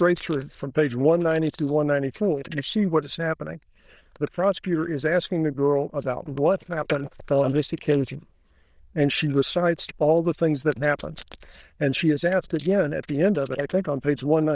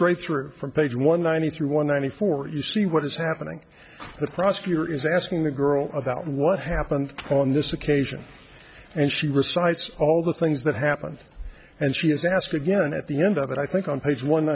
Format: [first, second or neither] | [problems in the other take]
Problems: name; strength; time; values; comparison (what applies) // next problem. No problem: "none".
second | noise reduction (neural diffusion model UNIVERSE++)